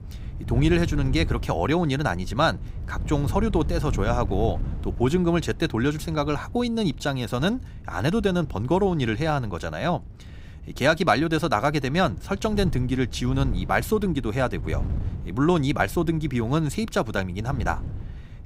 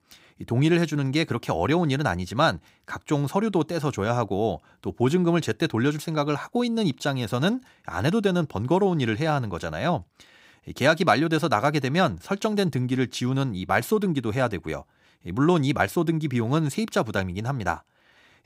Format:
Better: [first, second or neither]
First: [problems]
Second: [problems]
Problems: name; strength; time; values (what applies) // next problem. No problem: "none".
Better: second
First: wind noise on the microphone; occasional gusts; 20 dB below the speech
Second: none